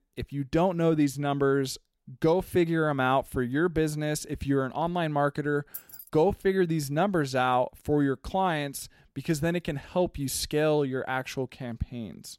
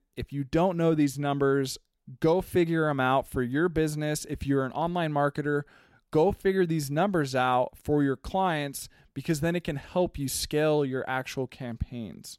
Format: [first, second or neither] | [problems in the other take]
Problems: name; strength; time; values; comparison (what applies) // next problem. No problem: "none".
second | jangling keys; faint; at 5.5 s; peak 15 dB below the speech